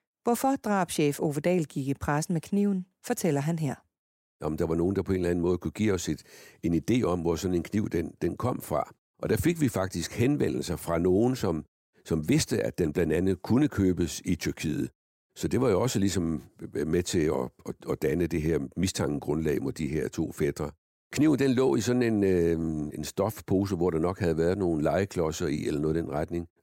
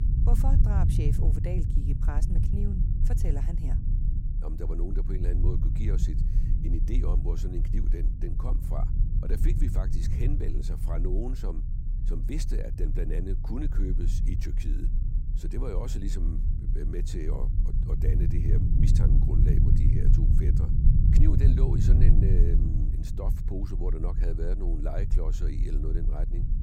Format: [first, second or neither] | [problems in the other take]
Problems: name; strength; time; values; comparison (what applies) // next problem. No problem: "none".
first | low rumble; loud; throughout; 1 dB below the speech